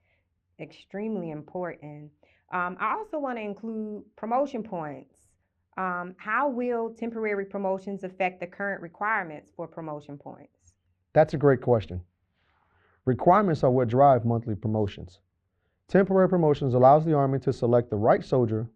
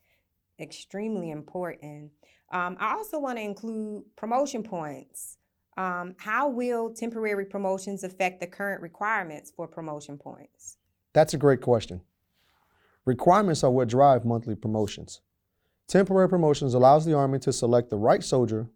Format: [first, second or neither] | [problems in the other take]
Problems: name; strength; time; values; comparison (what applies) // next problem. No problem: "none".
second | muffled; very; fading above 2 kHz